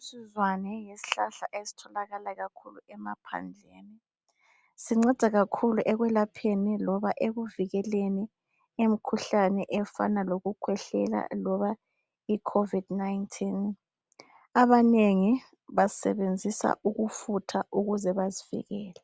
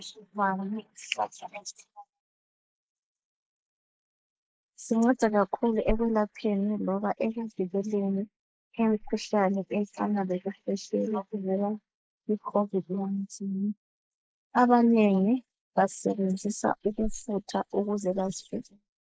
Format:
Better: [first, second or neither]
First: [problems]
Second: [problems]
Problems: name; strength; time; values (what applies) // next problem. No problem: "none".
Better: first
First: none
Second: noise reduction (neural mask model Resemble Enhance denoiser)